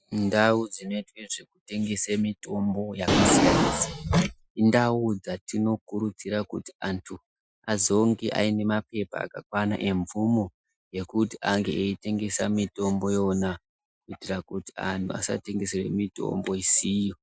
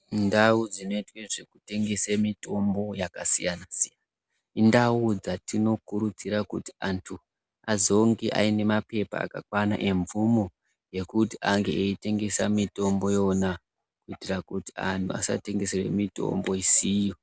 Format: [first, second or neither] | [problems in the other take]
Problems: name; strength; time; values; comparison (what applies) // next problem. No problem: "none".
second | noise reduction (classical method Wiener filter)